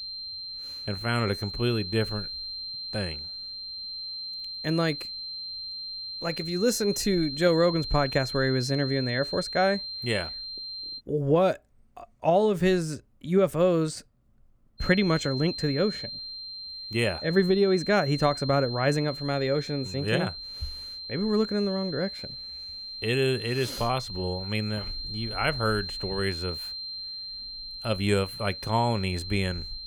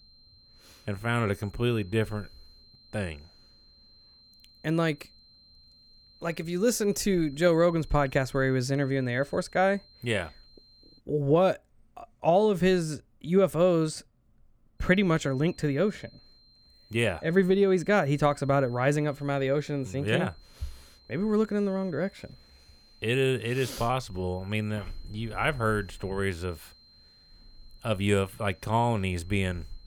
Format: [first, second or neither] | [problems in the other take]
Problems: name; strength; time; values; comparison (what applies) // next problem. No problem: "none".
second | high-pitched whine; loud; until 11 s and from 15 s on; 4 kHz, 7 dB below the speech; faint in the second